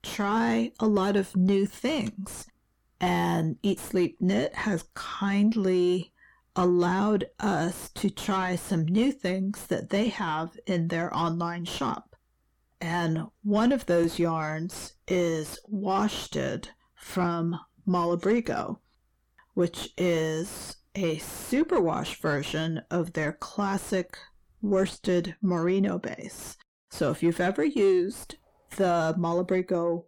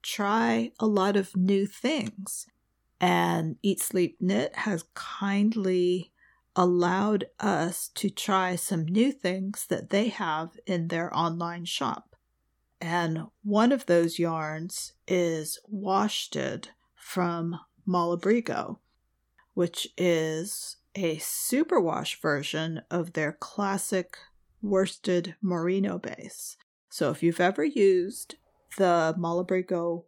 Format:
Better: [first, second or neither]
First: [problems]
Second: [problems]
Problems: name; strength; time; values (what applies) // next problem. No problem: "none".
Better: second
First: distortion; slight; 10 dB below the speech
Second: none